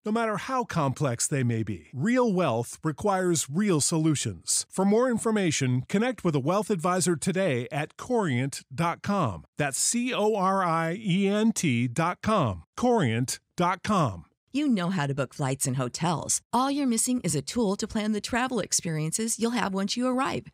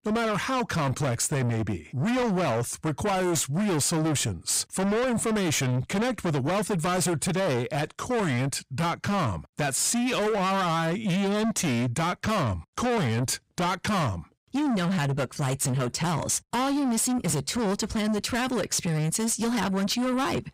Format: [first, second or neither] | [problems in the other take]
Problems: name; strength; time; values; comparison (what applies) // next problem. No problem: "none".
first | distortion; heavy; 7 dB below the speech